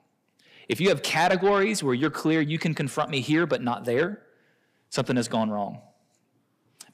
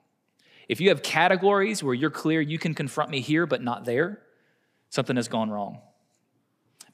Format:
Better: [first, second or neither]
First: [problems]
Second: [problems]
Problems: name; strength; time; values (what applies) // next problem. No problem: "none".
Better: second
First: distortion; slight; 10 dB below the speech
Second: none